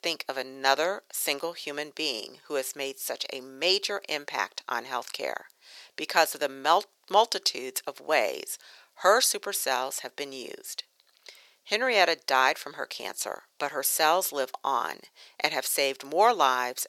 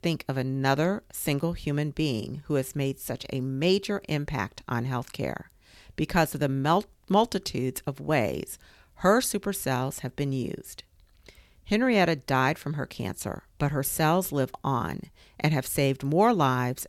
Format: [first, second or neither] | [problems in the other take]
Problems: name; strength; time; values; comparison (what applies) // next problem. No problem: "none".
second | thin; very; fading below 500 Hz